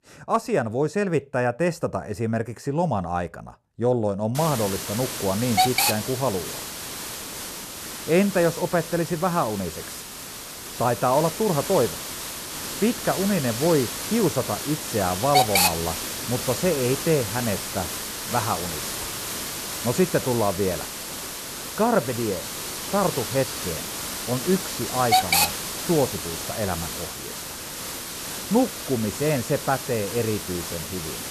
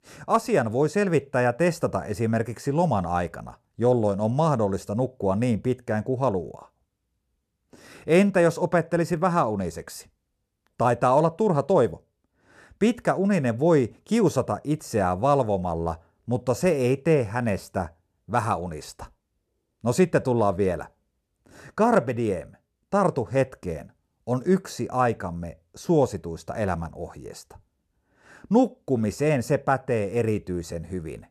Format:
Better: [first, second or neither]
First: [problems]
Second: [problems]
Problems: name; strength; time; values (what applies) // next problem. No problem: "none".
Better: second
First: hiss; loud; from 4.5 s on; 3 dB below the speech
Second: none